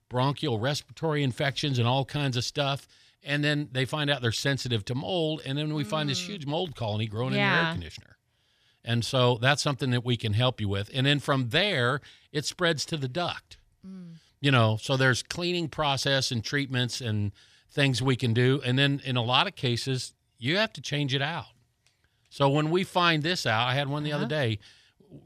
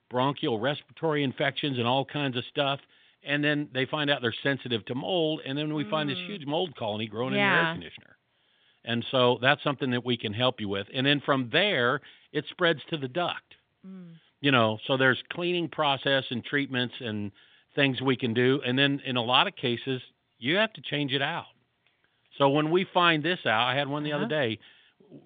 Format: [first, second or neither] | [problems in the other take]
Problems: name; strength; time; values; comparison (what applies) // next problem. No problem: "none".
first | phone-call audio; nothing above 3.5 kHz